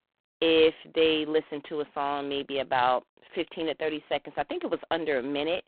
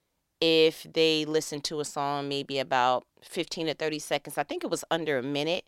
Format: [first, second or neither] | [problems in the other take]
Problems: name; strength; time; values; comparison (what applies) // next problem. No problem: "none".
second | phone-call audio; poor line